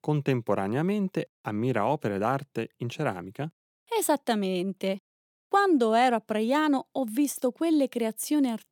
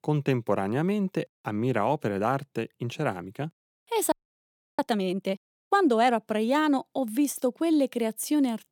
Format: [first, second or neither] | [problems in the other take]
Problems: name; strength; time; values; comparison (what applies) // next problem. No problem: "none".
first | audio freezing; at 4 s for 0.5 s